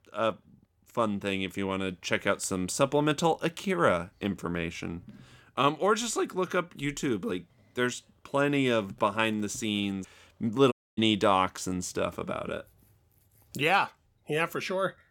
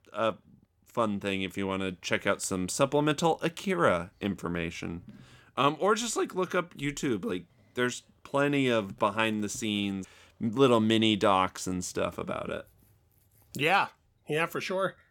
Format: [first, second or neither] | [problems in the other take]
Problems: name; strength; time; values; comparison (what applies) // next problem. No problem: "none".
second | audio cutting out; at 11 s